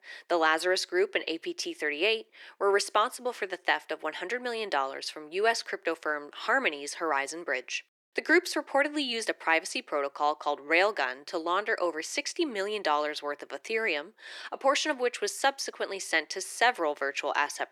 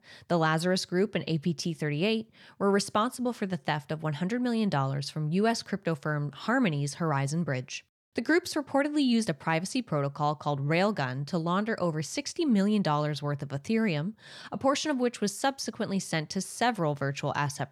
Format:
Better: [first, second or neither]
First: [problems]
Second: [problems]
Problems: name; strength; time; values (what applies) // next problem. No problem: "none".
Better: second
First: thin; very; fading below 350 Hz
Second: none